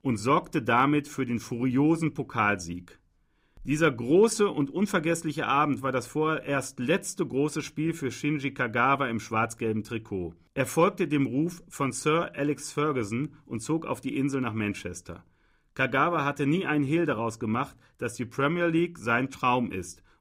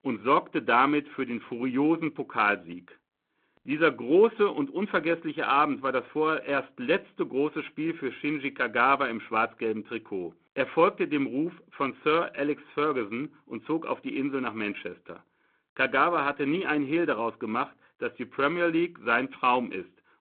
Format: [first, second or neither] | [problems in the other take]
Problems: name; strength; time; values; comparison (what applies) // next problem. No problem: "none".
first | phone-call audio